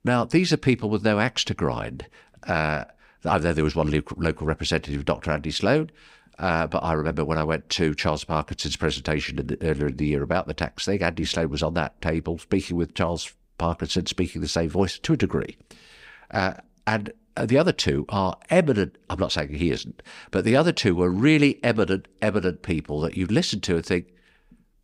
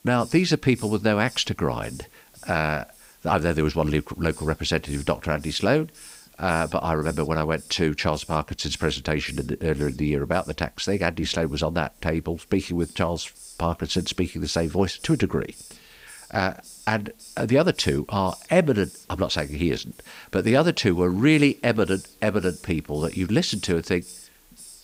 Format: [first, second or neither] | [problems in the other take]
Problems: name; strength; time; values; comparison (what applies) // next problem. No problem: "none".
first | hiss; faint; throughout; 20 dB below the speech